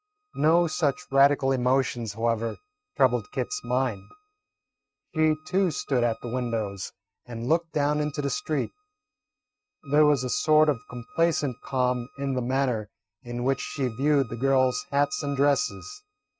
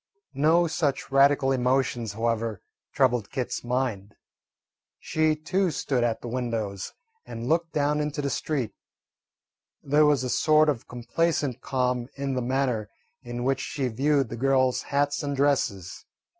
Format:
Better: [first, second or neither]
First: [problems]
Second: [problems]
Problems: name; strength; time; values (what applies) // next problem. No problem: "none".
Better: second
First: noise reduction (neural mask model RNNoise)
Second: none